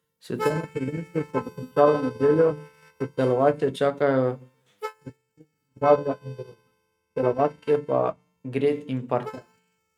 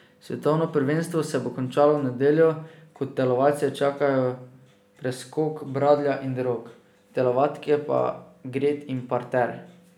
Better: second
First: noise reduction (neural mask model RNNoise)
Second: none

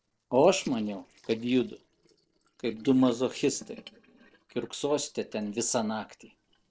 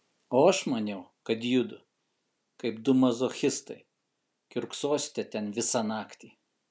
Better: second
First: noise reduction (neural separator model SepFormer DNS4)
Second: none

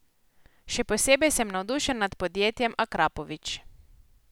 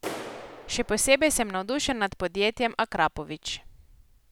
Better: first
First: none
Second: background sound (Clapping); 16 dB below the speech

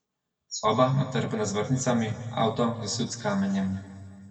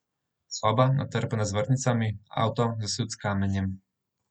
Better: second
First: room echo; dies away in 1.8 s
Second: none

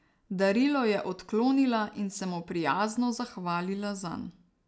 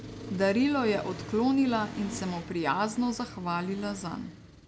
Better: first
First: none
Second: background sound (Accelerating, revving, vroom); 13 dB below the speech

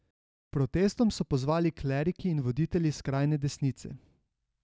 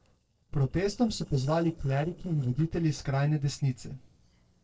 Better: first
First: none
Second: noise reduction (neural separator model SepFormer DNS4)

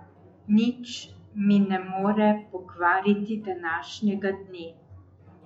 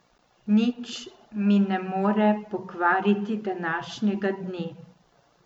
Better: second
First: noise reduction (classical method log-MMSE)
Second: none

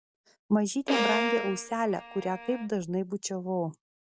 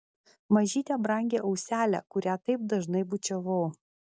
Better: second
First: background sound (Bowed string instrument); 2 dB below the speech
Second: none

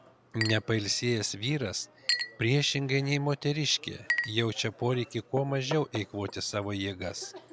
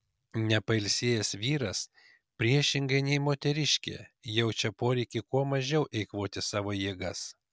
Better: second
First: background sound (Chink, clink); 9 dB below the speech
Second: none

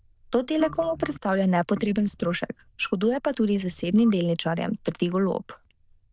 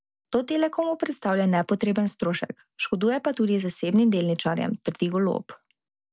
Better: second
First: noise reduction (neural diffusion model UNIVERSE++)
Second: none

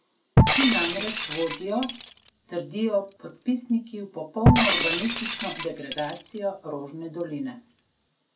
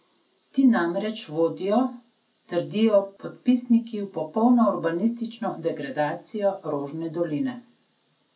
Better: second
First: background sound (Shatter); 3 dB above the speech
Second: none

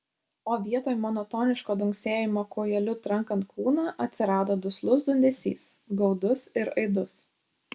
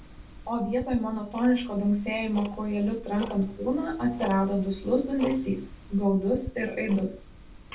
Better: first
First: none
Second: background sound (Tick-tock); 15 dB below the speech // room echo; dies away in 0.3 s

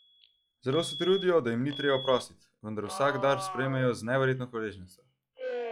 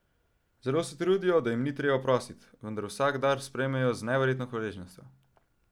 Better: second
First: noise reduction (classical method log-MMSE)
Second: none

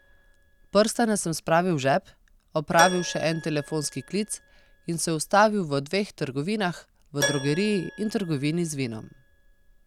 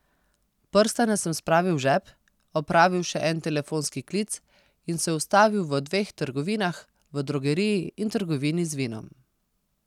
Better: second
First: background sound (Keyboard (musical)); 12 dB below the speech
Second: none

